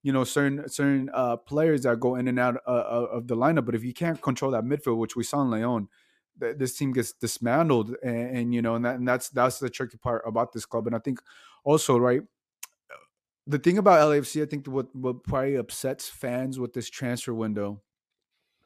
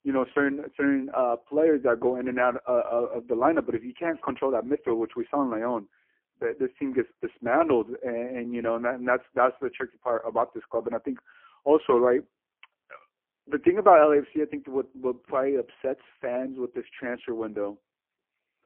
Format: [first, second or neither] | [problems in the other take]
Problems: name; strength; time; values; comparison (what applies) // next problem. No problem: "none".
first | phone-call audio; poor line